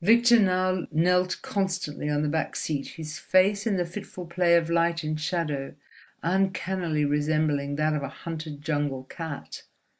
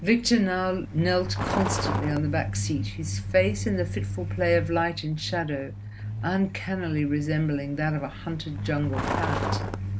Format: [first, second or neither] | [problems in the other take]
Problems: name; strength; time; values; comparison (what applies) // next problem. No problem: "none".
first | background sound (Truck); 4 dB below the speech